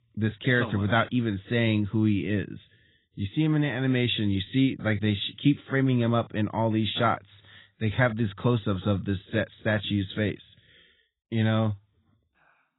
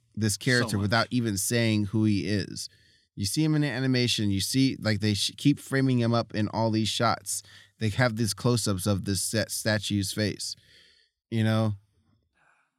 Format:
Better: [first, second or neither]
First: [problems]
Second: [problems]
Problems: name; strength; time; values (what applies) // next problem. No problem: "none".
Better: second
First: garbled, watery; badly; nothing above 4 kHz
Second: none